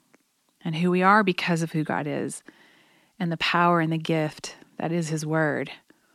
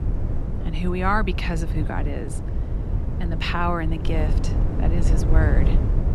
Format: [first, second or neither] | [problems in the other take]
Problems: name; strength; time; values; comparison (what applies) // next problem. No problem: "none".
first | low rumble; loud; throughout; 9 dB below the speech